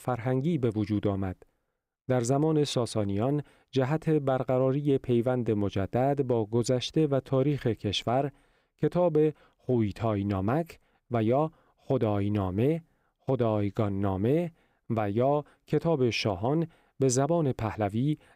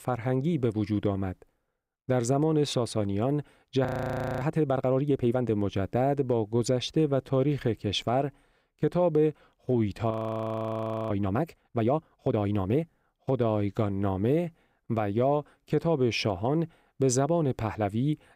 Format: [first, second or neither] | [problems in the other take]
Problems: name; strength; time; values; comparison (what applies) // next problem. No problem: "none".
first | audio freezing; at 4 s for 0.5 s and at 10 s for 1 s